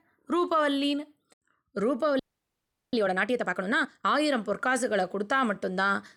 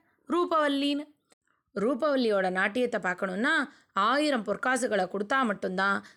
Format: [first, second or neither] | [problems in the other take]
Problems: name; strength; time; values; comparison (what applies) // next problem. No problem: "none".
second | audio freezing; at 2 s for 0.5 s